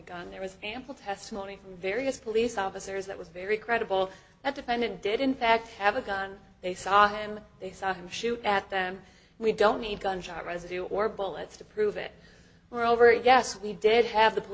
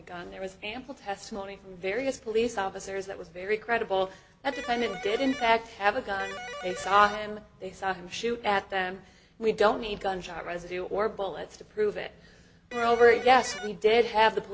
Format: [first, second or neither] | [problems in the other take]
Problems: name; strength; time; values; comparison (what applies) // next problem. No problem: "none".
first | background sound (Electric guitar); 10 dB below the speech